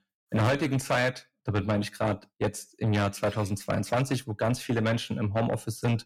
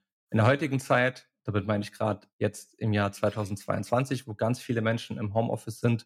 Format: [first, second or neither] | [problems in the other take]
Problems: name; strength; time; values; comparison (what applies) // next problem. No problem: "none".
second | distortion; heavy; 7 dB below the speech